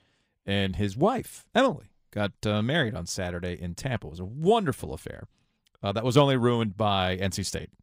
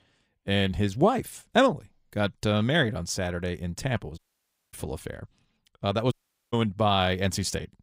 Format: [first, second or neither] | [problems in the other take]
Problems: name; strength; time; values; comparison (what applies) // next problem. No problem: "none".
first | audio cutting out; at 4 s for 0.5 s and at 6 s